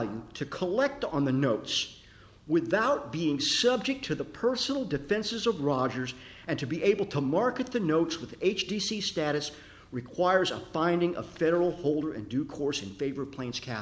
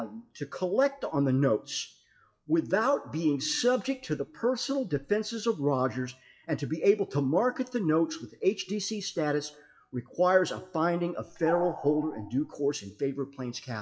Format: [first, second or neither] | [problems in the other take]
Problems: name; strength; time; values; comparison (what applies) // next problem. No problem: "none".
first | noise reduction (classical method WPE with log-MMSE)